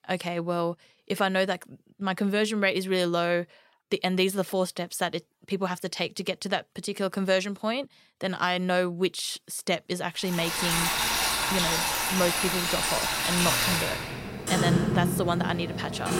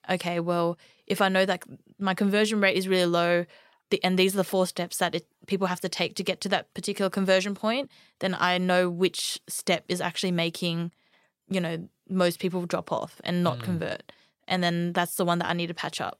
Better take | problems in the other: second | household noises; very loud; from 10 s on; 2 dB above the speech

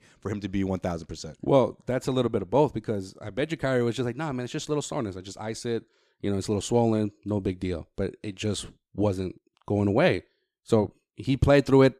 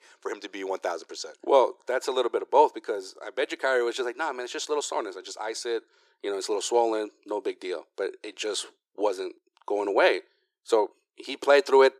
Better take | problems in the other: first | thin; very; fading below 350 Hz

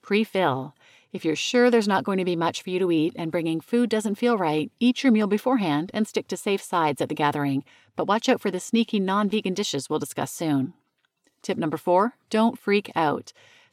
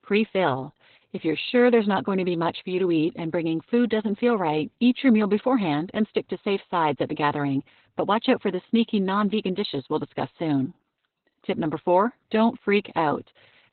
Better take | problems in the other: first | garbled, watery; badly; nothing above 4 kHz

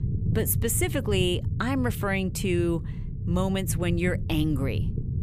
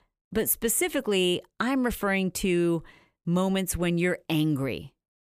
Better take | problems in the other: second | low rumble; noticeable; throughout; 15 dB below the speech

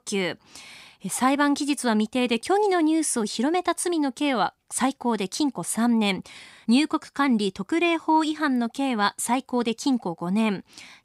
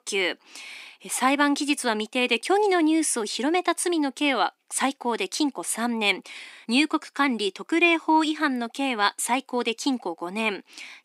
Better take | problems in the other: first | thin; very slightly; fading below 300 Hz

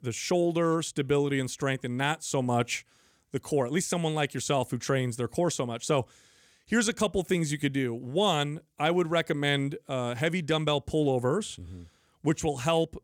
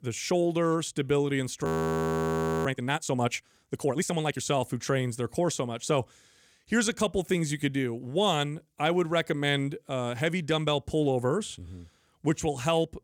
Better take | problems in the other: first | audio freezing; at 1.5 s for 1 s

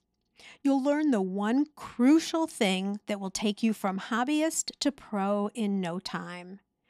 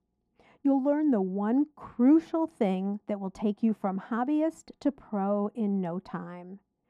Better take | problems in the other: first | muffled; very; fading above 2 kHz

